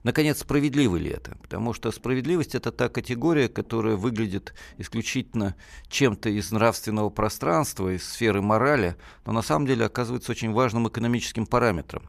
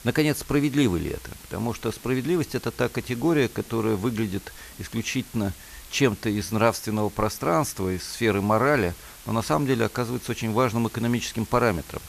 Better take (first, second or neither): first